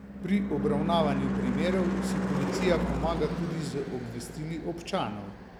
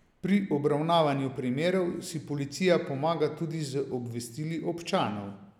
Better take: second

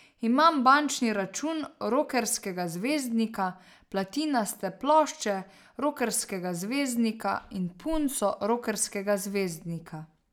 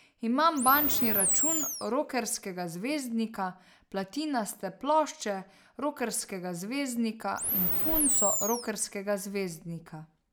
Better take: first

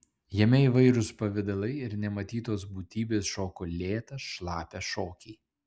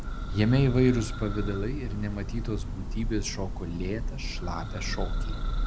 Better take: first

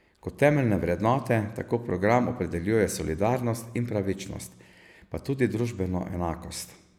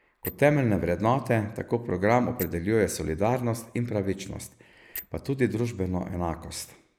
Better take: first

